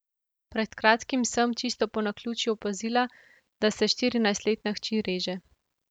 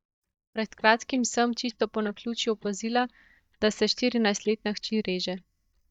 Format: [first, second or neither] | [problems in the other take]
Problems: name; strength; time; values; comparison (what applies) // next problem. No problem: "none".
first | noise reduction (neural mask model DeepFilterNet 3)